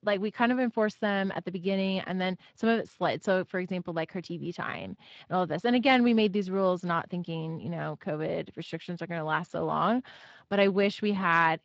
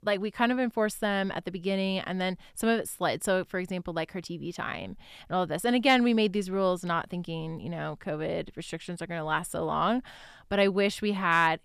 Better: second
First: garbled, watery; slightly; nothing above 7.5 kHz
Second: none

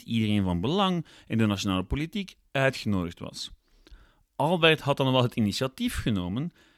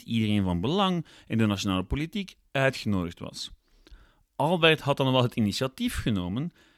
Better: neither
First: none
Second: none

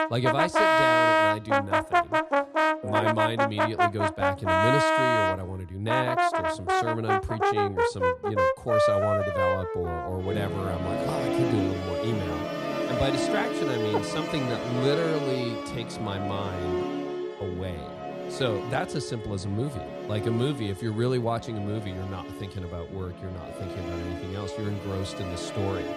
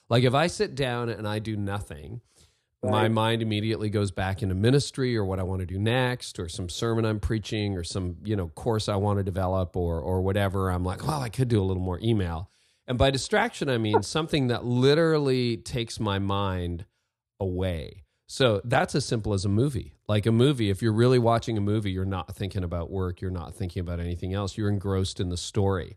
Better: second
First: background music; very loud; throughout; 5 dB above the speech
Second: none

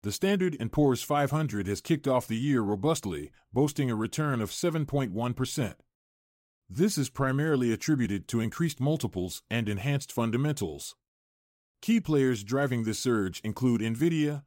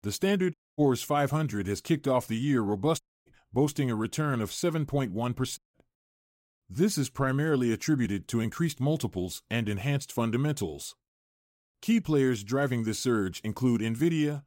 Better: first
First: none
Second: audio cutting out; at 0.5 s, at 3 s and at 5.5 s

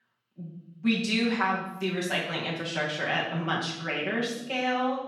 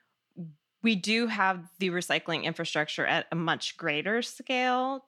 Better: second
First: room echo; noticeable; dies away in 0.9 s // off-mic speech; far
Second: none

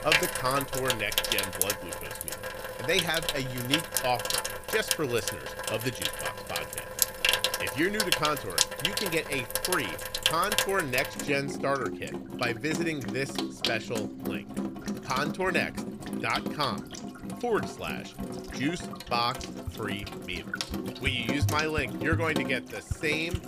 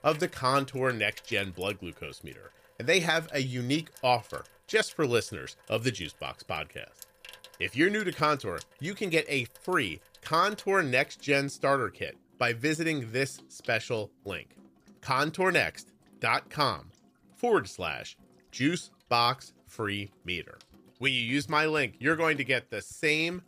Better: second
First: household noises; loud; throughout; as loud as the speech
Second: household noises; faint; throughout; 25 dB below the speech

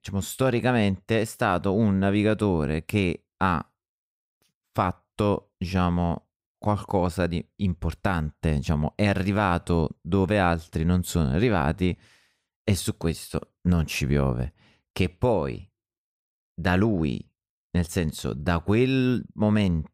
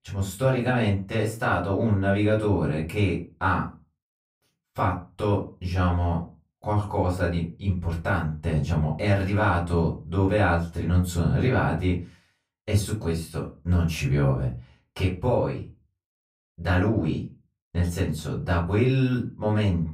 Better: first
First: none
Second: off-mic speech; far // room echo; slight; dies away in 0.3 s

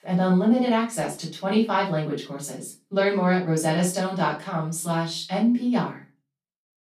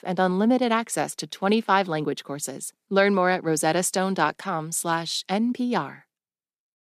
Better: second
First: off-mic speech; far // room echo; slight; dies away in 0.3 s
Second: none

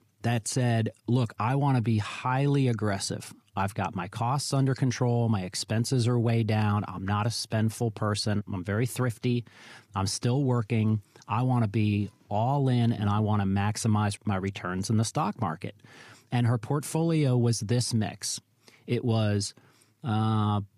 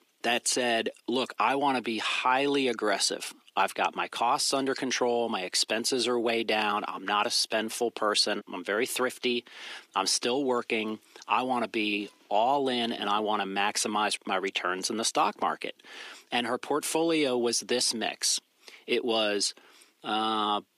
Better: first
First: none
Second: thin; very; fading below 300 Hz

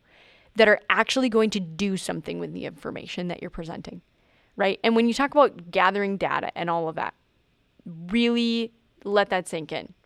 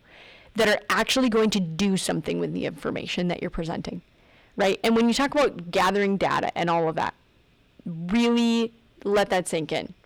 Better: first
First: none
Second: distortion; heavy; 6 dB below the speech

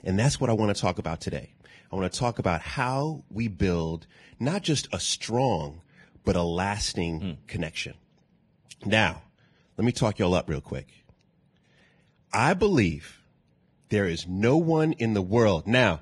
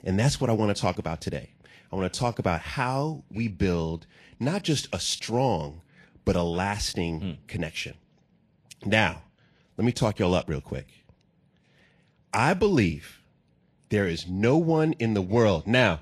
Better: second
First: garbled, watery; badly; nothing above 10.5 kHz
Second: garbled, watery; slightly

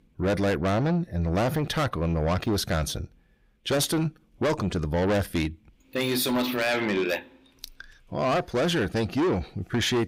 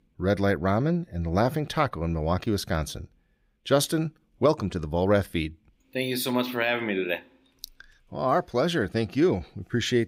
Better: second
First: distortion; heavy; 6 dB below the speech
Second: none

